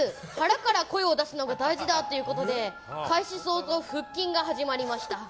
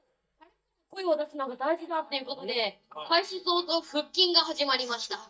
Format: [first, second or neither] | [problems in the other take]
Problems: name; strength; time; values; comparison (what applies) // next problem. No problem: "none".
first | noise reduction (neural mask model DeepFilterNet 3)